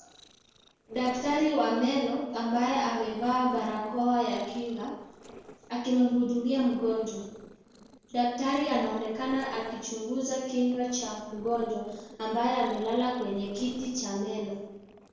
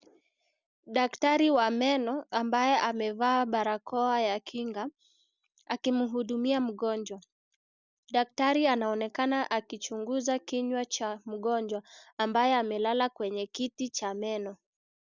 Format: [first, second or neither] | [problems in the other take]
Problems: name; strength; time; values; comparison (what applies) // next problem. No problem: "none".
second | noise reduction (neural separator model SepFormer DNS4)